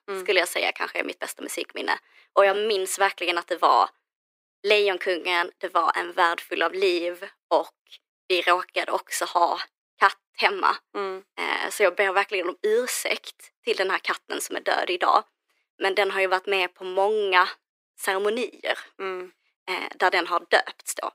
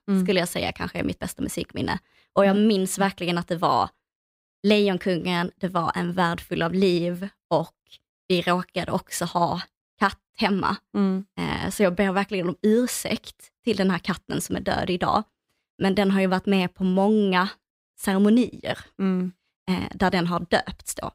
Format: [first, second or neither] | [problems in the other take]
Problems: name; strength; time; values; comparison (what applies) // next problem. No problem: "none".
second | thin; very; fading below 350 Hz